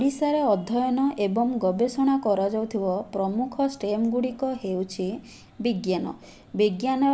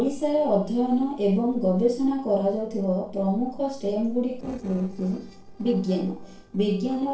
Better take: first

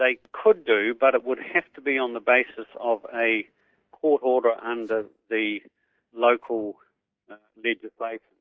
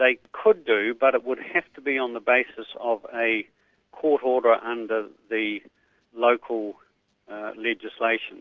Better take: second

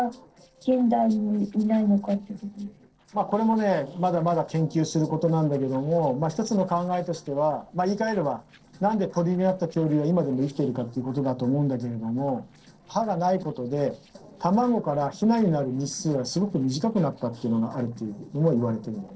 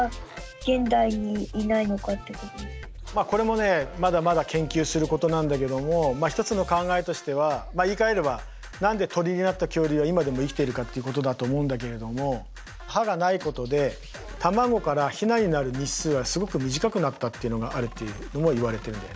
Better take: second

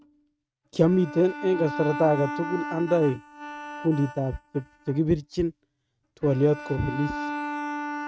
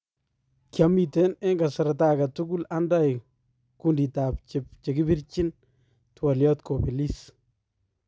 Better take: second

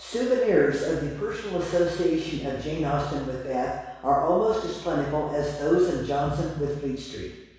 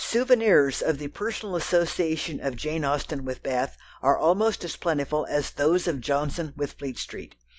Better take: second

